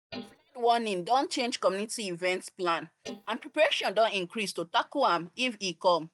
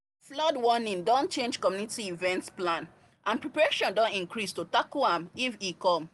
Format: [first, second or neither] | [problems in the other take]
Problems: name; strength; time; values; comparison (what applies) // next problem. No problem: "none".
second | noise reduction (neural mask model DeepFilterNet 3)